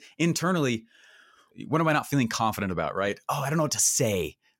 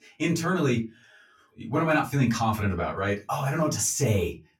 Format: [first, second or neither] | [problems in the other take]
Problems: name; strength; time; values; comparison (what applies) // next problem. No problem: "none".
first | off-mic speech; far // room echo; very slight; dies away in 0.2 s